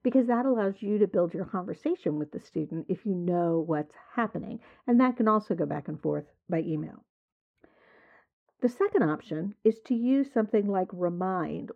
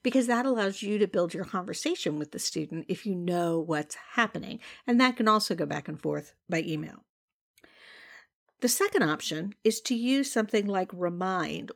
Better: second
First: muffled; very; fading above 2.5 kHz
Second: none

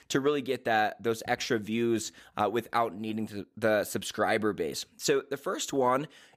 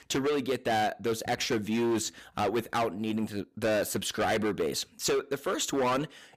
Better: first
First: none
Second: distortion; heavy; 15% of the sound clipped

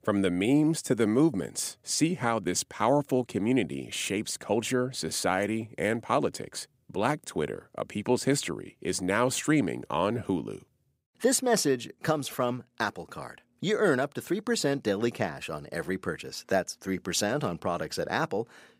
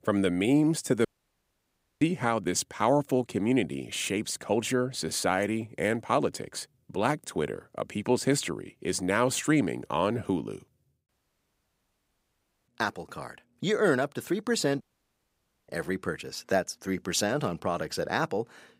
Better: first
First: none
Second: audio cutting out; at 1 s for 1 s, at 11 s for 1.5 s and at 15 s for 1 s

